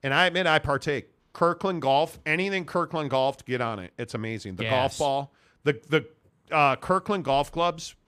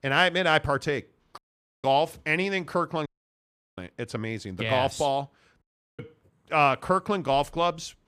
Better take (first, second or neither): first